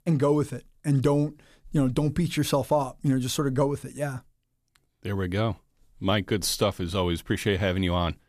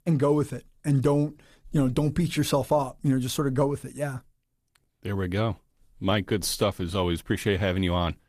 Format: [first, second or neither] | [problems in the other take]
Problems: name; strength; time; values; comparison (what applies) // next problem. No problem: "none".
first | garbled, watery; slightly; nothing above 14.5 kHz